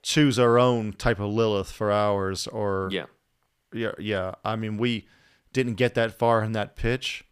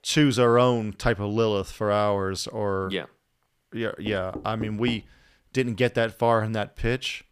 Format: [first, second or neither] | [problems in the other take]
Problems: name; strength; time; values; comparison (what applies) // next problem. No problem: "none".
first | door banging; faint; at 4 s; peak 10 dB below the speech